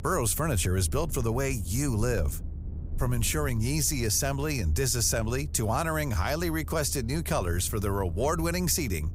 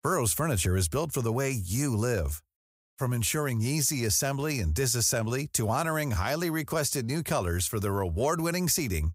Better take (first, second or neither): second